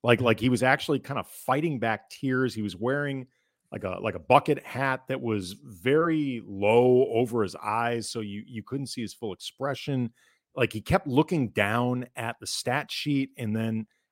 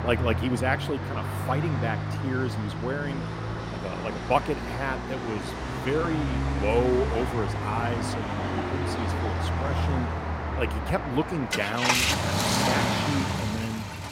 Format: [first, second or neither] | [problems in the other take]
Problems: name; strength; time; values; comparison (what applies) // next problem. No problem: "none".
first | traffic noise; very loud; throughout; 2 dB above the speech